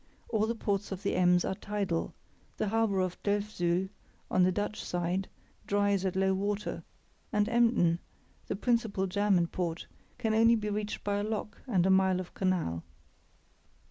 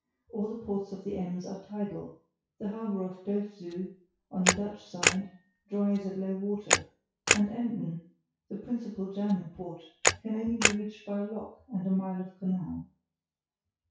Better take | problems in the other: first | noise reduction (classical method WPE with log-MMSE)

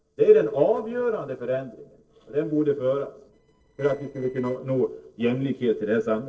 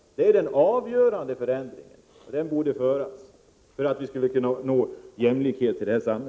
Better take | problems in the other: second | noise reduction (neural separator model SepFormer DNS4)

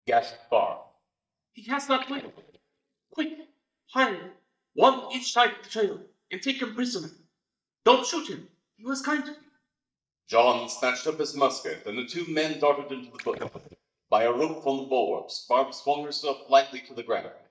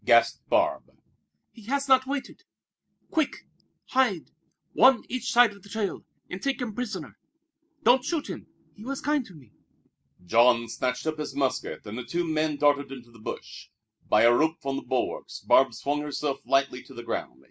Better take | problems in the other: second | noise reduction (neural mask model DeepFilterNet 3)

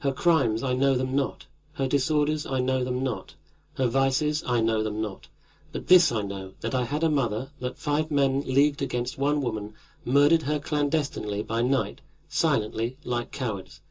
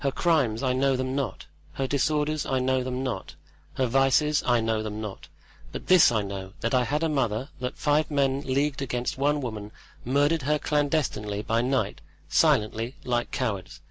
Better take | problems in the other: second | room echo; dies away in 0.2 s

